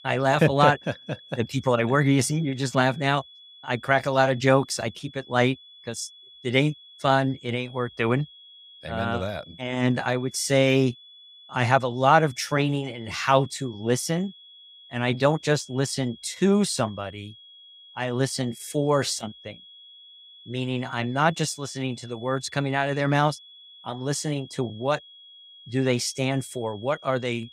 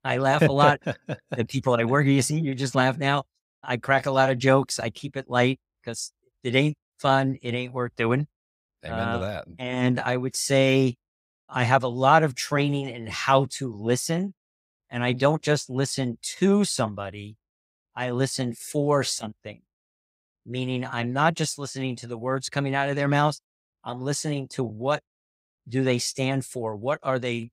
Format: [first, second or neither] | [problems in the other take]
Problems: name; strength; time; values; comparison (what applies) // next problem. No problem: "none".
second | high-pitched whine; faint; throughout; 3.5 kHz, 20 dB below the speech